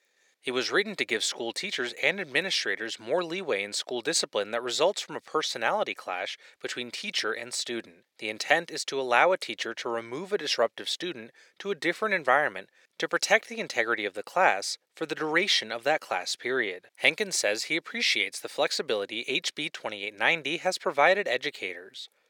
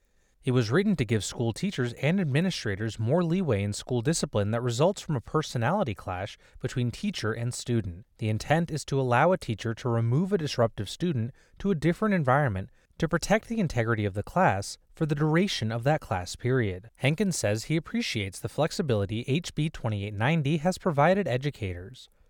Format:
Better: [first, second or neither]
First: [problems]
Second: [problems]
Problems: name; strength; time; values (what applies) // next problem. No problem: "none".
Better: second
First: thin; very; fading below 350 Hz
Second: none